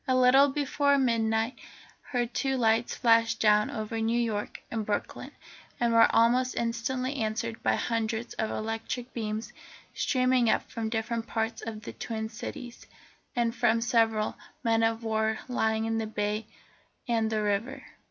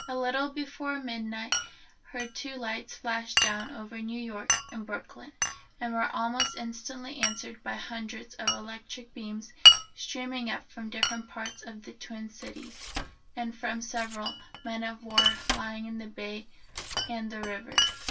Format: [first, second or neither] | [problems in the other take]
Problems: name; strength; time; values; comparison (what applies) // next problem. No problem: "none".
first | background sound (Glass); 4 dB above the speech // room echo; dies away in 0.1 s